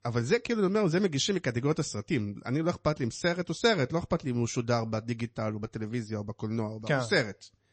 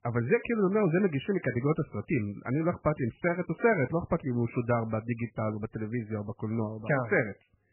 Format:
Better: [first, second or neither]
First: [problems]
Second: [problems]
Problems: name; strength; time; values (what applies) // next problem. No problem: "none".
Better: first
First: garbled, watery; slightly; nothing above 8 kHz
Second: garbled, watery; badly; nothing above 2.5 kHz